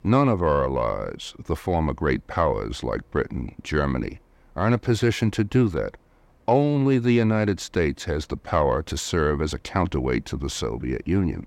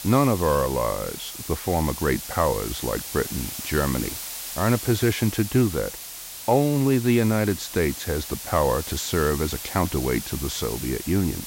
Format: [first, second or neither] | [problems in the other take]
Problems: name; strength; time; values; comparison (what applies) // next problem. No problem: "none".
first | hiss; loud; throughout; 8 dB below the speech